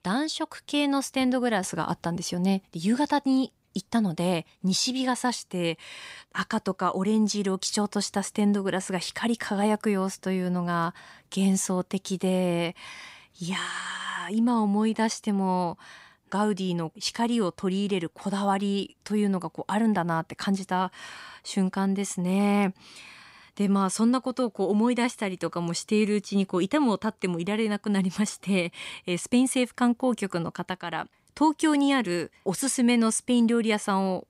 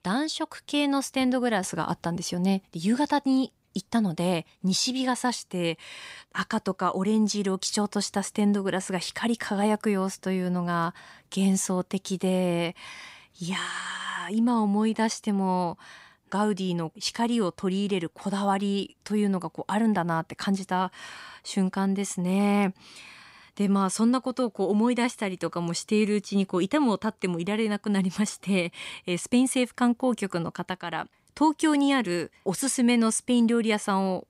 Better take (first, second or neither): neither